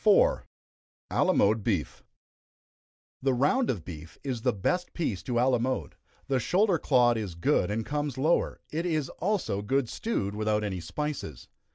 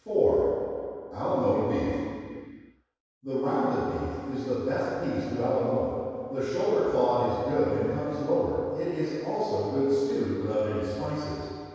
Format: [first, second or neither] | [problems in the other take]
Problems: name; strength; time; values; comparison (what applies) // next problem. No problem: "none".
first | room echo; dies away in 2.2 s